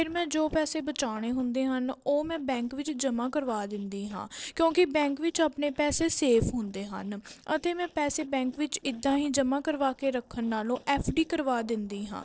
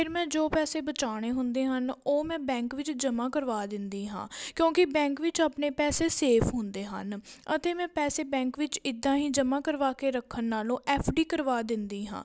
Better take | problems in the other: second | noise reduction (neural separator model SepFormer DNS4)

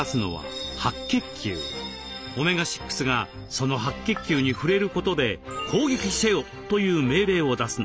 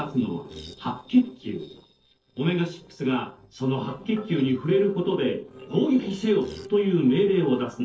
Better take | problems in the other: first | noise reduction (neural separator model SepFormer DNS4)

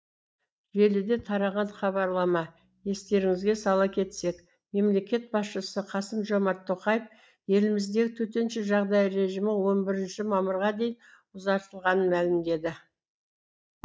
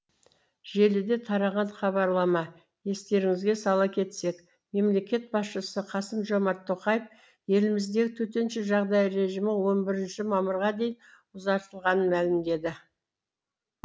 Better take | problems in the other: second | noise reduction (neural mask model DeepFilterNet 3)

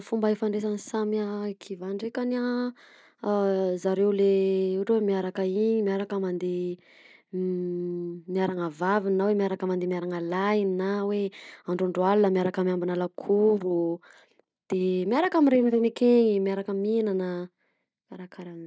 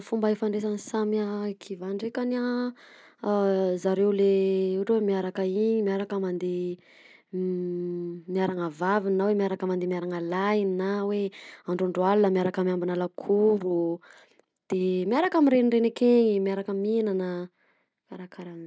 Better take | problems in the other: second | noise reduction (neural mask model DeepFilterNet 3)

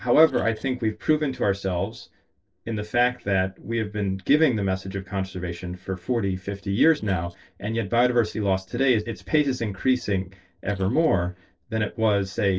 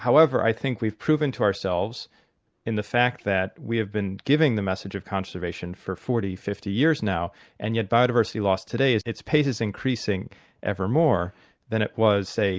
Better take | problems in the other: second | noise reduction (neural separator model SepFormer DNS4)

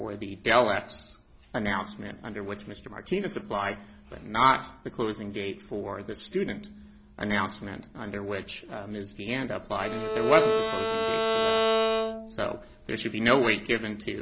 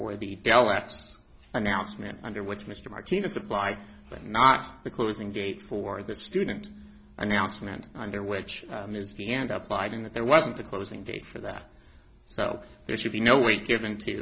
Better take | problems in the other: second | background sound (Bowed string instrument); 2 dB above the speech

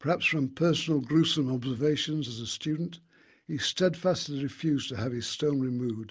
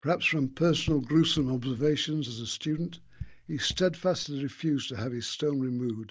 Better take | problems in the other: first | noise reduction (neural mask model DeepFilterNet 3)

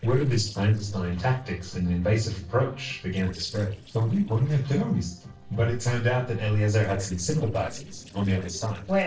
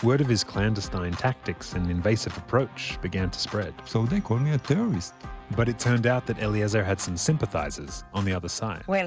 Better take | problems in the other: second | noise reduction (neural separator model SepFormer DNS4)

